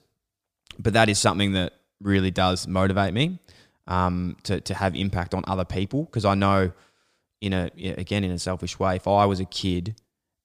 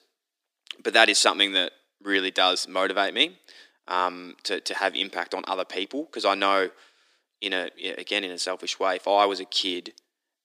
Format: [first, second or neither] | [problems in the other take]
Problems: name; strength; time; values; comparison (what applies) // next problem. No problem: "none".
first | thin; somewhat; fading below 300 Hz